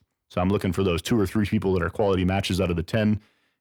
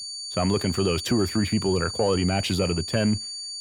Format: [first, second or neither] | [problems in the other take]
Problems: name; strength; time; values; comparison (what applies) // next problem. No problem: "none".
first | high-pitched whine; loud; throughout; 4.5 kHz, 7 dB below the speech